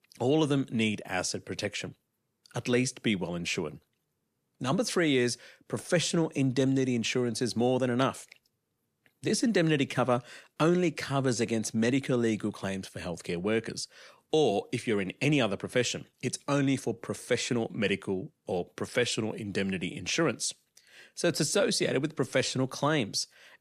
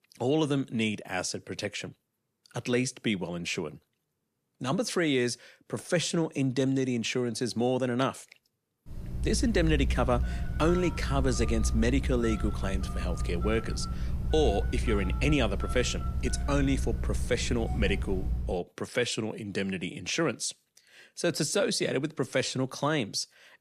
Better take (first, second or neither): first